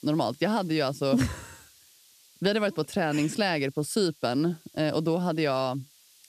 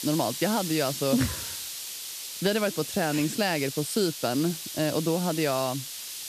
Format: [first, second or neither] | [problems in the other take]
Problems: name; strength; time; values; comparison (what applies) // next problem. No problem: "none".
first | hiss; loud; throughout; 6 dB below the speech; faint in the first